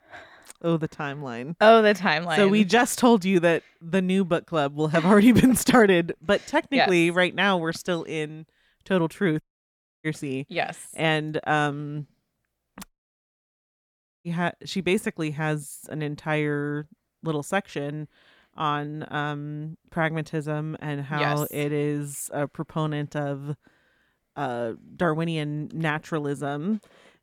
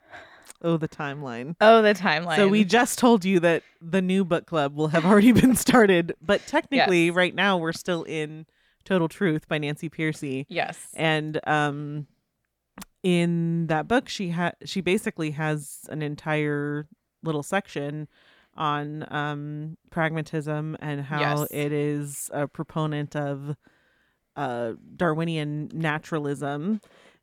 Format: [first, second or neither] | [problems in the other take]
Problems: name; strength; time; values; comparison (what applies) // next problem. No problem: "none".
second | audio cutting out; at 9.5 s for 0.5 s and at 13 s for 1.5 s